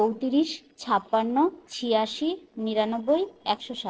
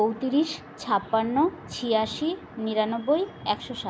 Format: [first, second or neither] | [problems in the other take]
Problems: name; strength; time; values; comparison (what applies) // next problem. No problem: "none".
second | noise reduction (neural separator model SepFormer DNS4)